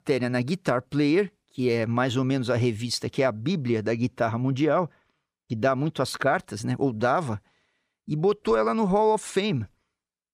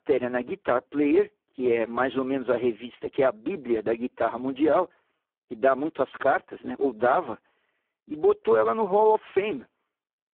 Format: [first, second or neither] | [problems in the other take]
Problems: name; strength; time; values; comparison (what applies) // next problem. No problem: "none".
first | phone-call audio; poor line